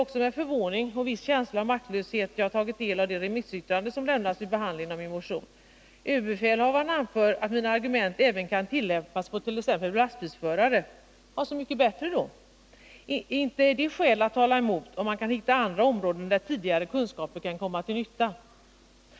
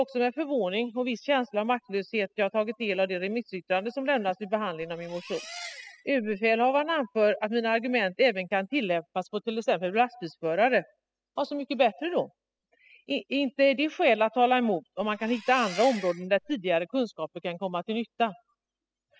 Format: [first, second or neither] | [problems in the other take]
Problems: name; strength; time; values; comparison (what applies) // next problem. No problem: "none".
first | noise reduction (classical method spectral subtraction)